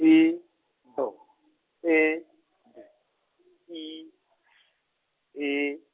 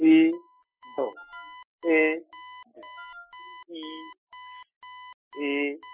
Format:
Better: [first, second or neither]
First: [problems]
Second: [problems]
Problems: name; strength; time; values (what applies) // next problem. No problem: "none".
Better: first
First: none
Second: noise reduction (classical method spectral subtraction)